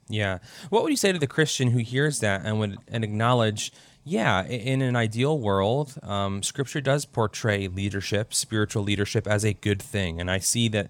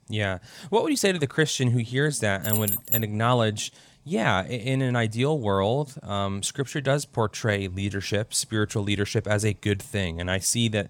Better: first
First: none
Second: jangling keys; loud; at 2.5 s; peak 2 dB above the speech

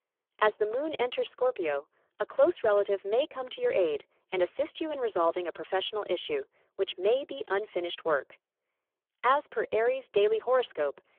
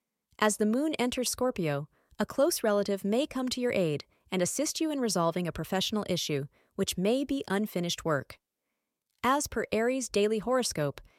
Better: second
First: phone-call audio; poor line; nothing above 3.5 kHz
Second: none

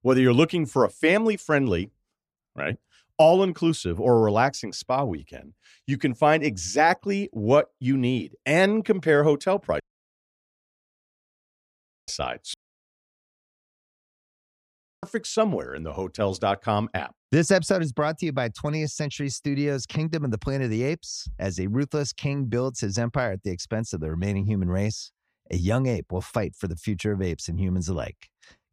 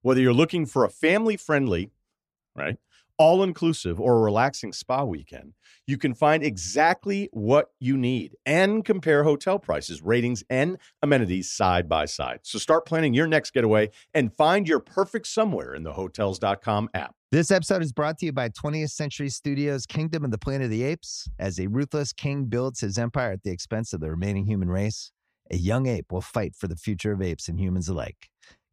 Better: second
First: audio cutting out; at 10 s for 2.5 s and at 13 s for 2.5 s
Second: none

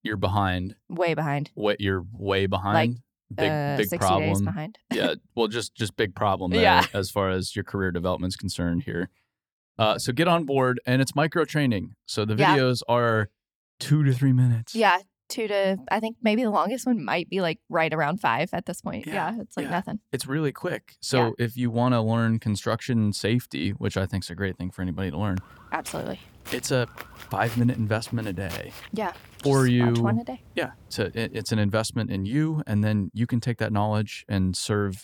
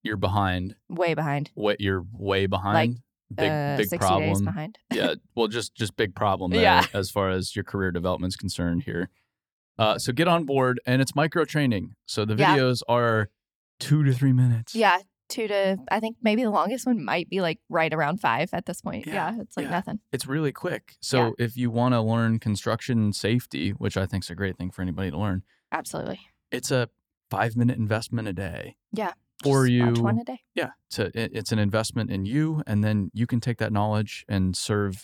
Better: second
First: footsteps; faint; from 25 to 31 s; peak 15 dB below the speech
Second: none

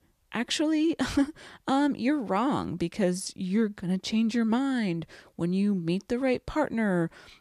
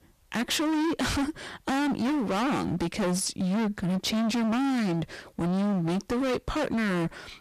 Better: first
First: none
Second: distortion; heavy; 39% of the sound clipped

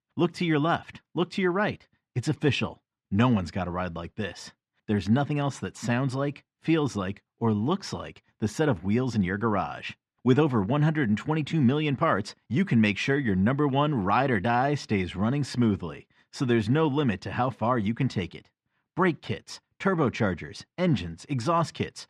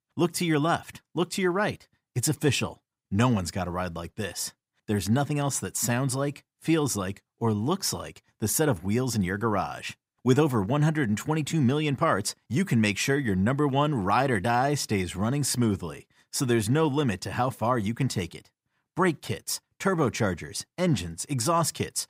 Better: second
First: muffled; slightly; fading above 3 kHz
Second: none

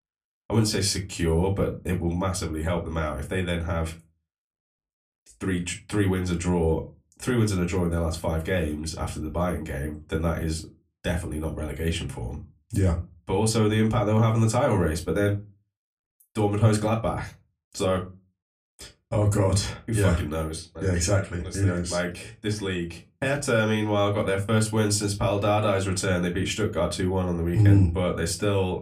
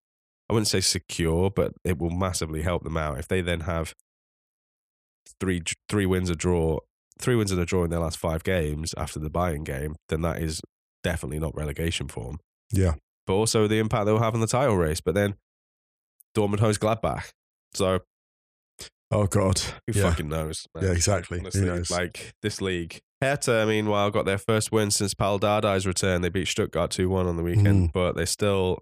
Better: second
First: off-mic speech; far // room echo; very slight; dies away in 0.2 s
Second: none

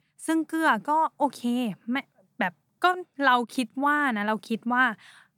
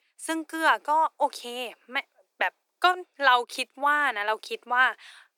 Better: first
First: none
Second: thin; very; fading below 350 Hz

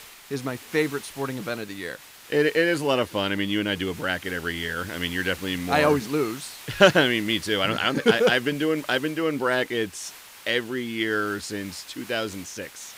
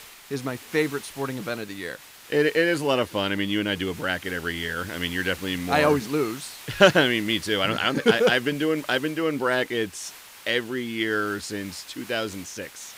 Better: neither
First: hiss; noticeable; throughout; 20 dB below the speech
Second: hiss; noticeable; throughout; 20 dB below the speech

